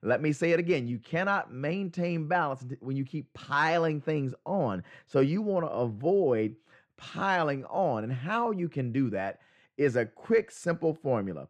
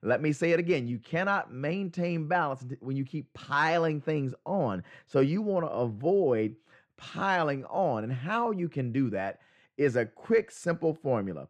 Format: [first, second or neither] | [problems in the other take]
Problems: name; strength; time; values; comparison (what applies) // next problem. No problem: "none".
neither | muffled; slightly; fading above 3 kHz; the same in both